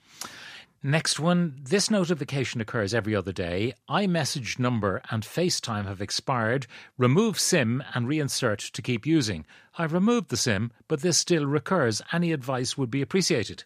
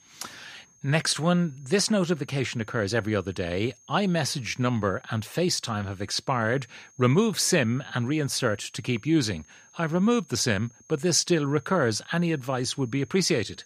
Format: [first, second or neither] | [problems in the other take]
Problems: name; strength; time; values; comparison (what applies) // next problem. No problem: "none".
first | high-pitched whine; faint; throughout; 6.5 kHz, 30 dB below the speech